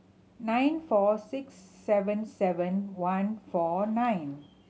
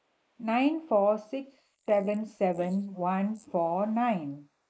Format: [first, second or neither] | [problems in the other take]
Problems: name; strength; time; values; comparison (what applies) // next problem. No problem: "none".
first | noise reduction (neural mask model Resemble Enhance denoiser)